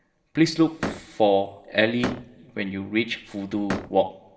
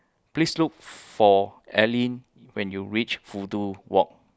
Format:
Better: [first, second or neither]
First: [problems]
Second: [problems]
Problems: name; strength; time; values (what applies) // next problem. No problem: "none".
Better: second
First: background sound (Slam); 11 dB below the speech // room echo; dies away in 1.3 s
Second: none